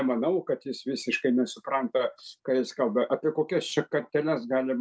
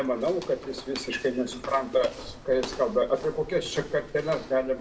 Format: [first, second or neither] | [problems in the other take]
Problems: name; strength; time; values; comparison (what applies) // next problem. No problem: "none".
first | background sound (Walk, footsteps); 15 dB below the speech // room echo; dies away in 0.9 s